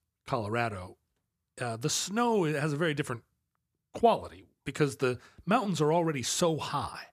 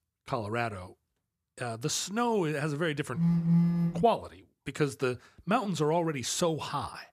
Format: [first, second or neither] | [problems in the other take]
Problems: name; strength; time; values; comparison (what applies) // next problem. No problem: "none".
first | phone ringing; loud; at 3 s; peak 6 dB above the speech